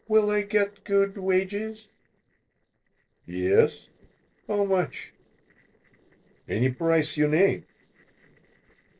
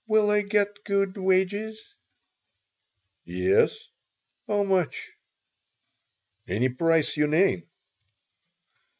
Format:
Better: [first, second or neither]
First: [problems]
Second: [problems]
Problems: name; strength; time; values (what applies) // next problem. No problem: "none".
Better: second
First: noise reduction (neural separator model SepFormer DNS4)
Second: none